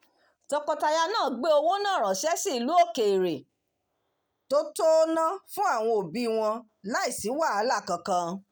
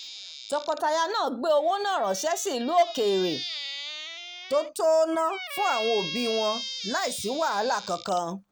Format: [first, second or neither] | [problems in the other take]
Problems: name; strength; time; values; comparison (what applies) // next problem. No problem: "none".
first | background sound (Squeak); 11 dB below the speech